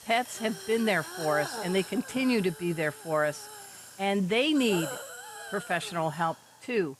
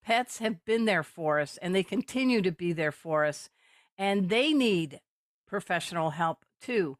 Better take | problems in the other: second | hiss; noticeable; throughout; 10 dB below the speech

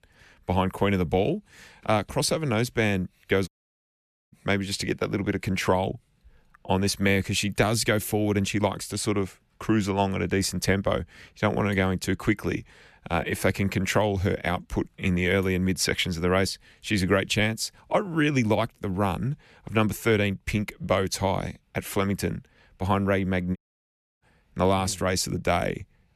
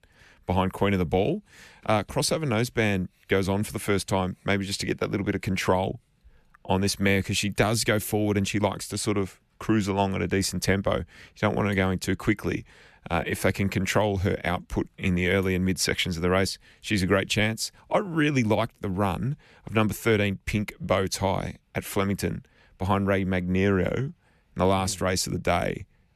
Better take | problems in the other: second | audio cutting out; at 3.5 s for 1 s and at 24 s for 0.5 s

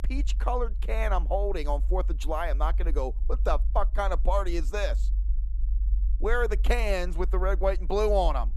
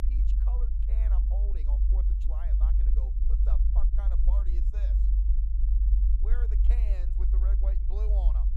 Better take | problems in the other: first | low rumble; loud; throughout; as loud as the speech; faint in the first

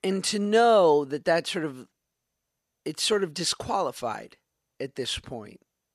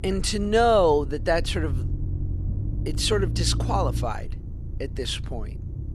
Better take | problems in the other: first | low rumble; noticeable; throughout; 20 dB below the speech

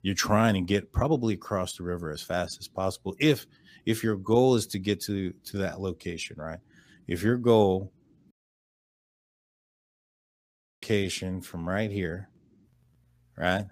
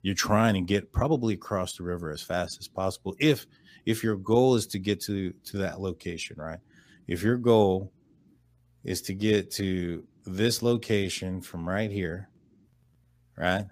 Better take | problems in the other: second | audio cutting out; at 8.5 s for 2.5 s

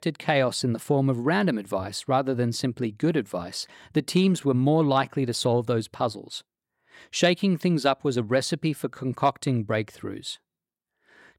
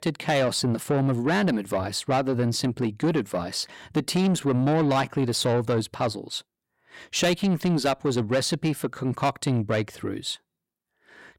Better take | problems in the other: first | distortion; slight; 10 dB below the speech

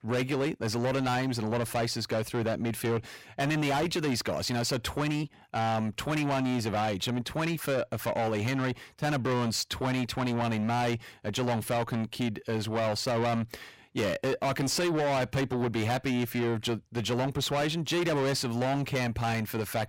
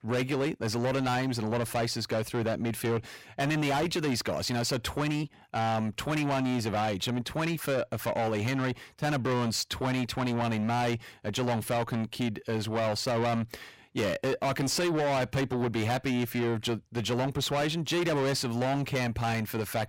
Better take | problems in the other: neither | distortion; heavy; 7 dB below the speech; the same in both

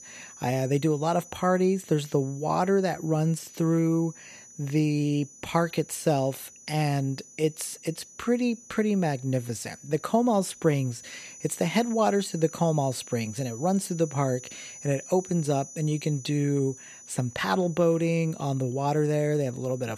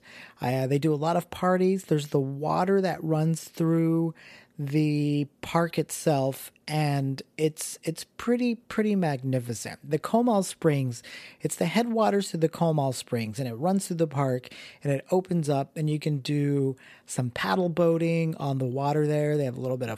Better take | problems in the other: second | high-pitched whine; noticeable; throughout; 6 kHz, 15 dB below the speech

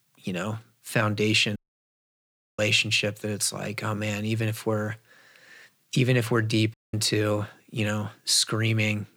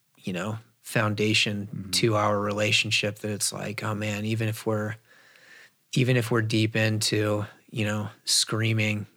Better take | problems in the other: second | audio cutting out; at 1.5 s for 1 s and at 6.5 s

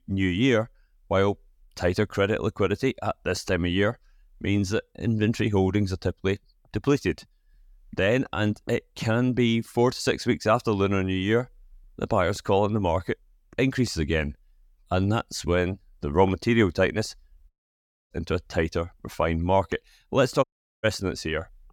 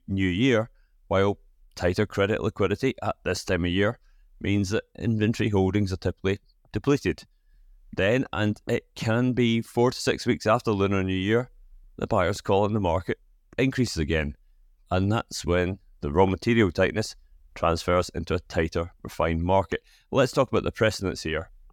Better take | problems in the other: second | audio cutting out; at 18 s for 0.5 s and at 20 s

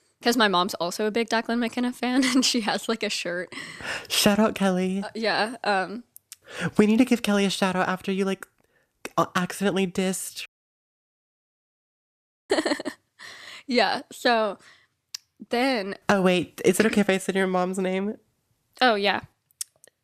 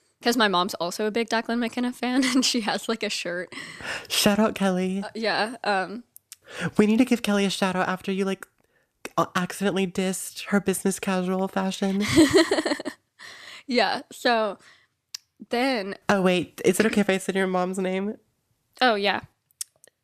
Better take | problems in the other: second | audio cutting out; at 10 s for 2 s

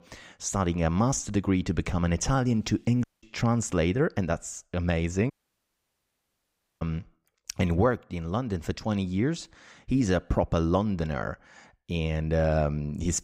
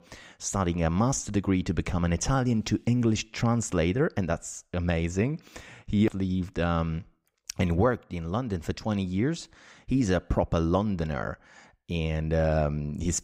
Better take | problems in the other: second | audio cutting out; at 3 s and at 5.5 s for 1.5 s

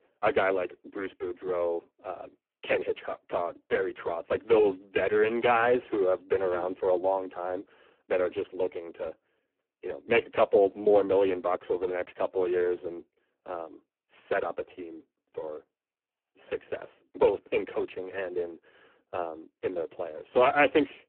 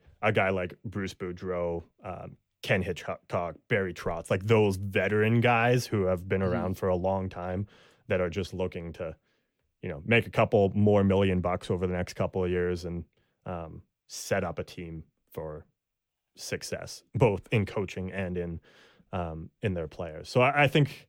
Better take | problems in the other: second | phone-call audio; poor line

